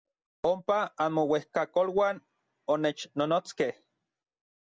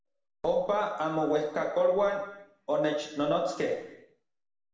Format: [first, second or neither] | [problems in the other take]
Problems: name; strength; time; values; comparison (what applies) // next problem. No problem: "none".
first | room echo; dies away in 0.8 s